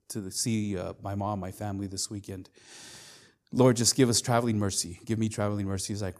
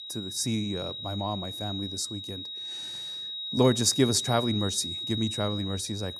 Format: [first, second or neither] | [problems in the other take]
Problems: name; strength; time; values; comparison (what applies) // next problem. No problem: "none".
first | high-pitched whine; loud; throughout; 4 kHz, 5 dB below the speech